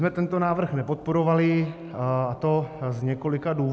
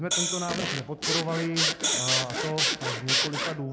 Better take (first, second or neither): first